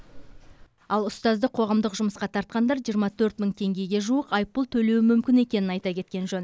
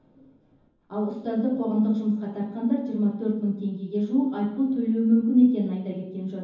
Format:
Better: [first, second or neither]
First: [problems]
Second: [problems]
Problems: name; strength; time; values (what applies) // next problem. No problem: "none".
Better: first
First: none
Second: room echo; dies away in 0.9 s